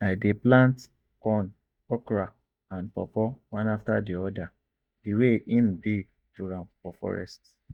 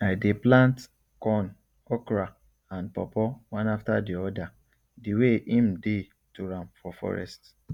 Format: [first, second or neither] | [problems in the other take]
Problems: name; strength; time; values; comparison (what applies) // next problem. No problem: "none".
second | noise reduction (neural mask model DeepFilterNet 3)